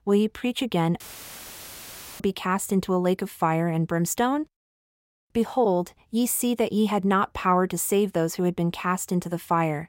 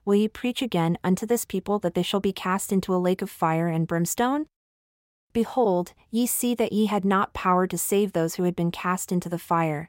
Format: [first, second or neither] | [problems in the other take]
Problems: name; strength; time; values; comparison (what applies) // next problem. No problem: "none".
second | audio cutting out; filled with static; at 1 s for 1 s